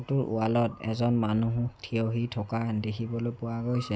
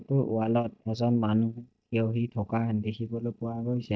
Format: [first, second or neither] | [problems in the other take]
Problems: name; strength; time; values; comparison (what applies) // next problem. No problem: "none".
first | noise reduction (neural mask model DeepFilterNet 3)